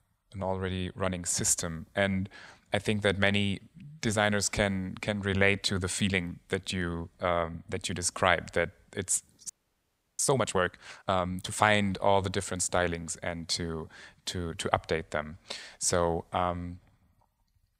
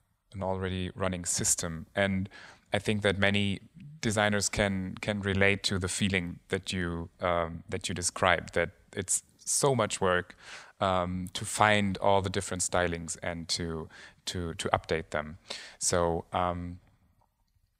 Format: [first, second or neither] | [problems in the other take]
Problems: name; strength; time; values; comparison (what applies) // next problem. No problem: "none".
second | audio freezing; at 9.5 s for 0.5 s